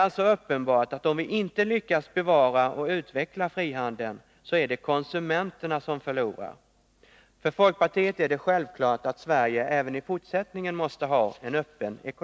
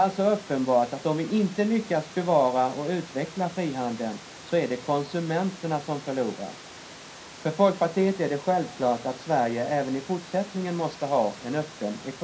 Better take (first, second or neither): first